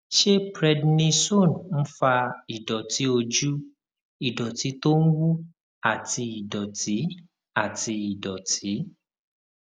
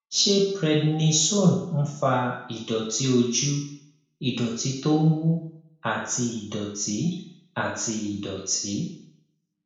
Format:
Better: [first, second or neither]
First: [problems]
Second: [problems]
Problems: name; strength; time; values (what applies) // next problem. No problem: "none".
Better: first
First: none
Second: room echo; dies away in 0.6 s